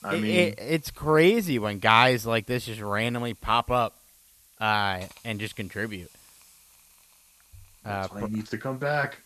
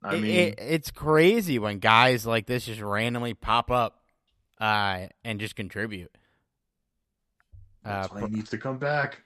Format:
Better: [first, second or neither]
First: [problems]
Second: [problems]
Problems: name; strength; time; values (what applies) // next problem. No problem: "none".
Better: second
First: hiss; faint; throughout; 30 dB below the speech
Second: none